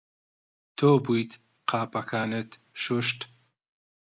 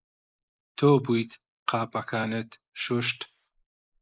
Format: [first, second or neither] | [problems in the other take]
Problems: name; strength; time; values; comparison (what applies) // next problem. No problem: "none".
first | noise reduction (neural mask model Resemble Enhance denoiser)